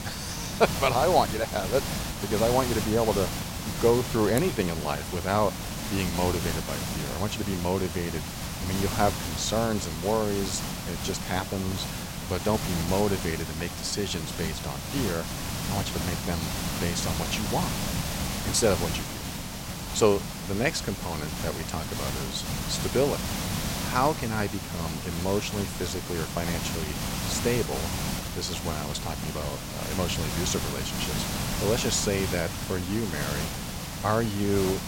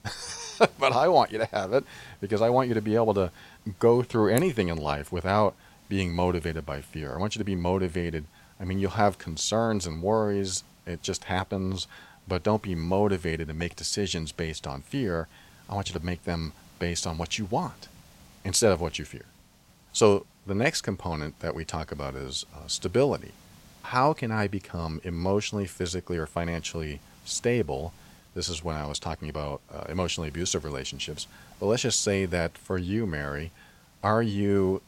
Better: second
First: hiss; loud; throughout; 3 dB below the speech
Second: hiss; faint; throughout; 25 dB below the speech

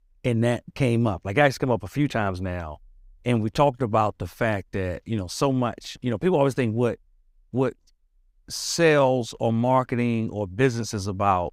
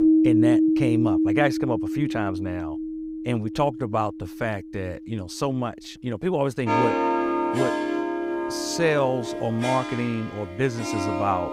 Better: first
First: none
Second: background music; very loud; throughout; 2 dB above the speech

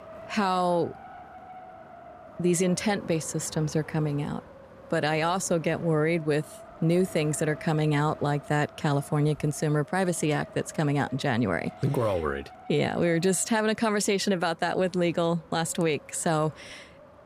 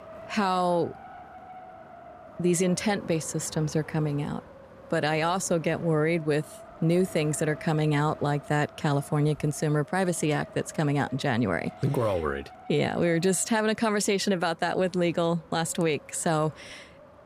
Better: neither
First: wind noise on the microphone; occasional gusts; 15 dB below the speech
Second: wind noise on the microphone; occasional gusts; 15 dB below the speech

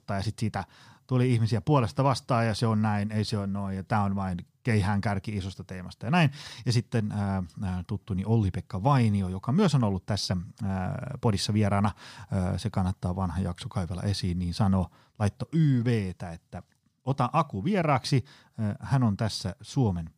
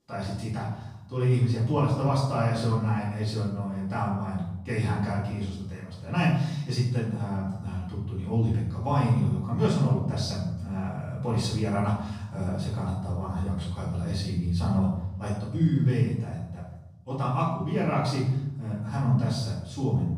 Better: first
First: none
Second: room echo; noticeable; dies away in 0.9 s // off-mic speech; far

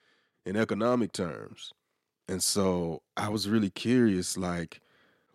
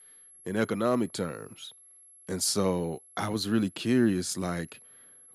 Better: first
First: none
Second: high-pitched whine; faint; throughout; 11 kHz, 25 dB below the speech

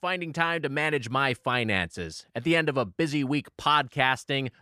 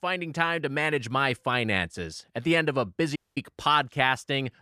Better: first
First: none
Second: audio cutting out; at 3 s

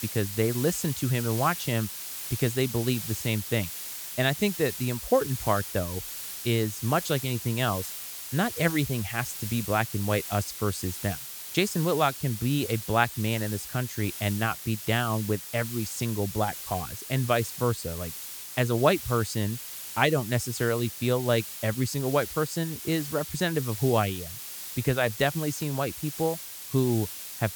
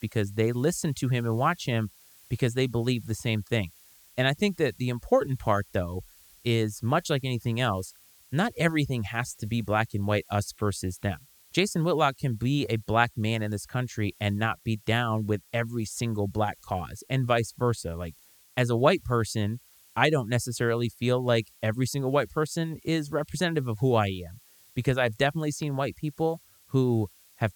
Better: second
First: hiss; loud; throughout; 7 dB below the speech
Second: hiss; faint; throughout; 25 dB below the speech

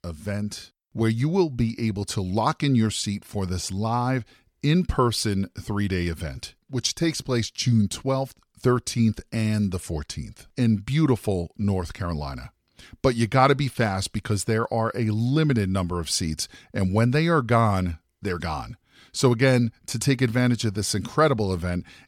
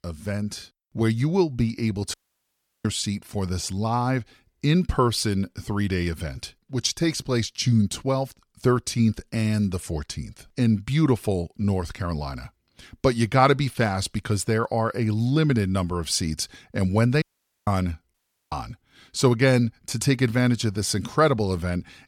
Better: first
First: none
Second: audio cutting out; at 2 s for 0.5 s, at 17 s and at 18 s

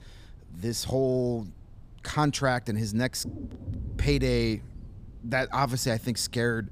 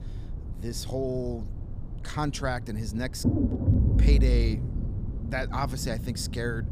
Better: first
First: low rumble; faint; throughout; 25 dB below the speech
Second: low rumble; loud; throughout; 6 dB below the speech

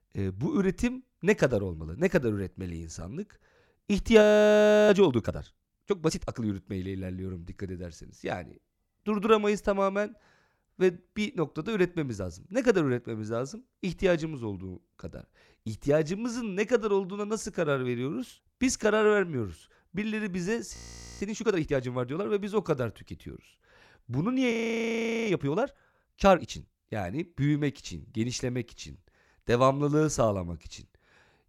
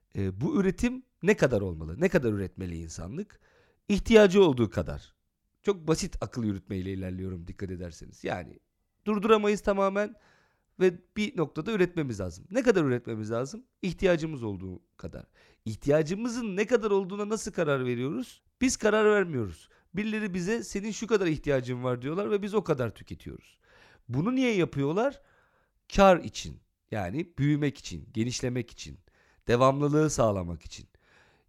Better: second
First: audio freezing; at 4 s for 0.5 s, at 21 s and at 25 s for 0.5 s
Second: none

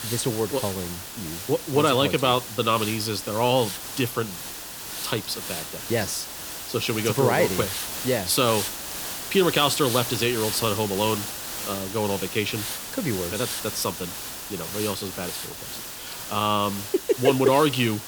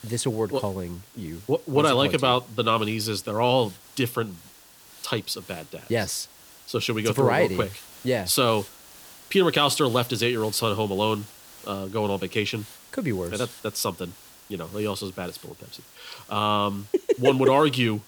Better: second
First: hiss; loud; throughout; 7 dB below the speech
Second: hiss; faint; throughout; 20 dB below the speech

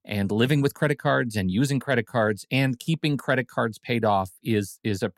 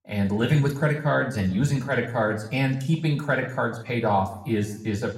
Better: first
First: none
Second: room echo; slight; dies away in 0.6 s // off-mic speech; somewhat distant

